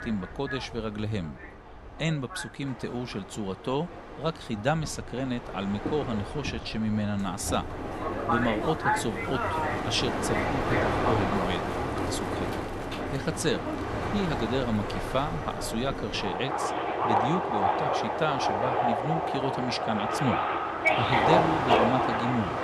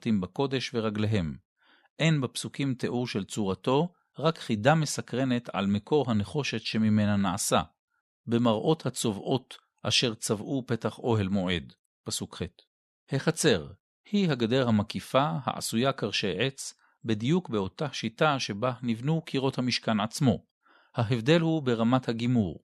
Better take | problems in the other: second | train or aircraft noise; very loud; throughout; 3 dB above the speech

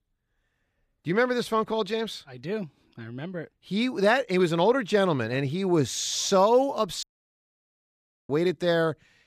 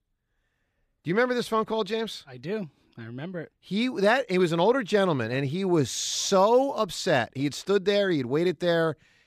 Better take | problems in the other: second | audio cutting out; at 7 s for 1.5 s

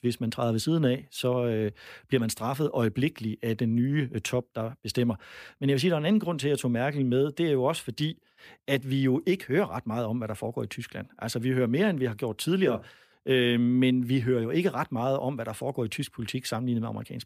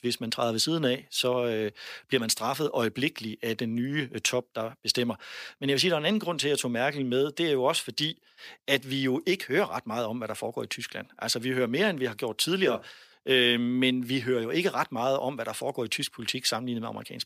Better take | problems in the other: first | thin; very slightly; fading below 450 Hz

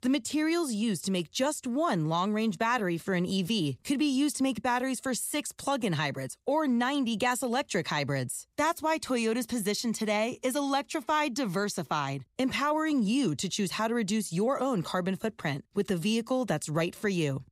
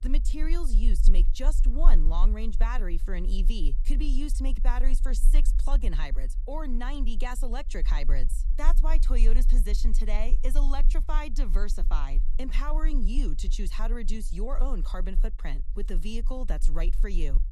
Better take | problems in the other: first | low rumble; noticeable; throughout; 15 dB below the speech

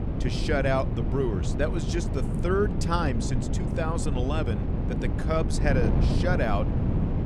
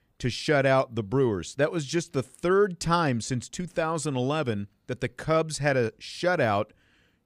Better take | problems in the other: second | wind noise on the microphone; heavy; 6 dB below the speech

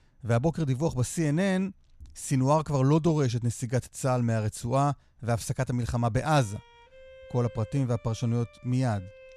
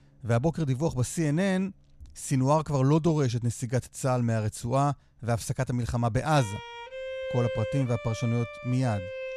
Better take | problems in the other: first | background music; loud; throughout; 9 dB below the speech; faint in the first

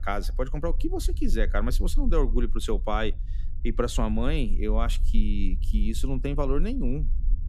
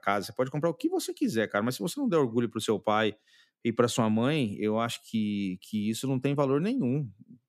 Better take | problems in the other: second | low rumble; faint; throughout; 20 dB below the speech

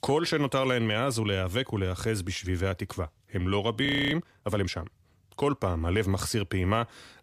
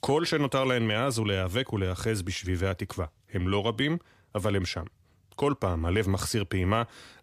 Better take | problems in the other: second | audio freezing; at 4 s

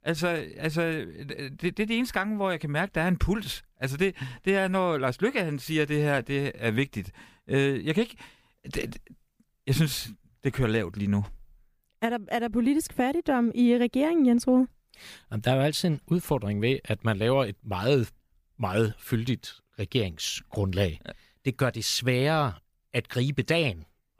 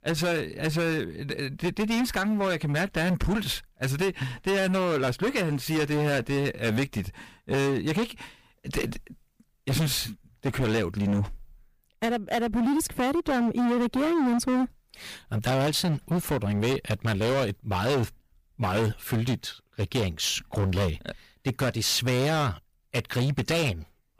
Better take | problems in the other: first | distortion; heavy; 19% of the sound clipped

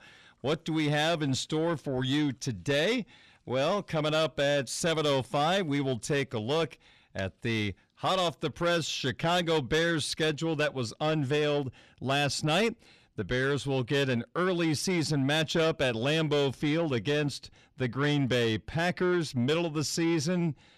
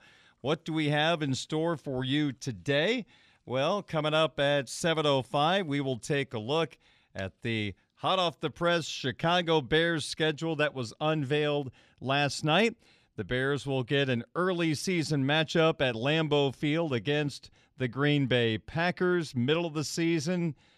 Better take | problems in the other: second | distortion; slight; 10 dB below the speech

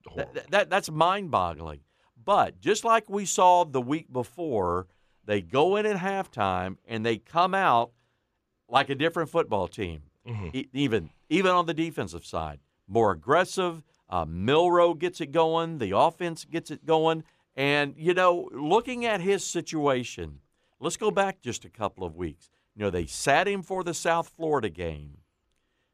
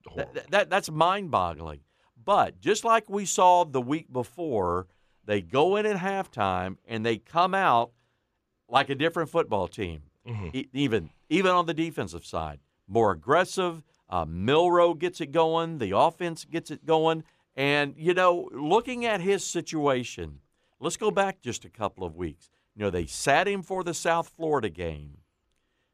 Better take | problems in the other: neither | none

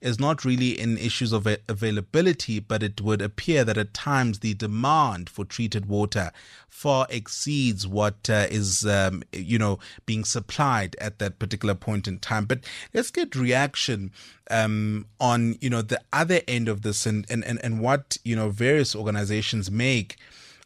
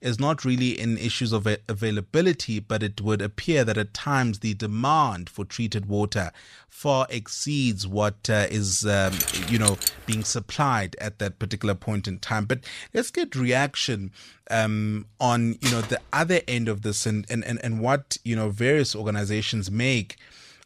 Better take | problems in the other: first | jangling keys; loud; from 9 to 10 s; peak 3 dB above the speech // clattering dishes; noticeable; at 16 s; peak 2 dB below the speech

